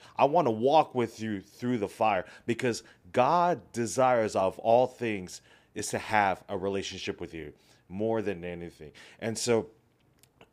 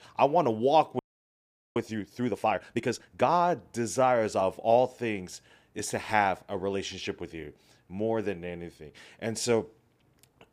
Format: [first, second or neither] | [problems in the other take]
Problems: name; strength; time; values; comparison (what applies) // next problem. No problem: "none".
first | audio freezing; at 1 s for 1 s